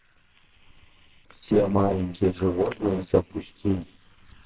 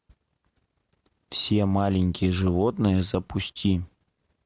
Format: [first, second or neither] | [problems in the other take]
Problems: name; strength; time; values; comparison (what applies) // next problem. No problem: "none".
second | noise reduction (neural separator model SepFormer WHAMR!)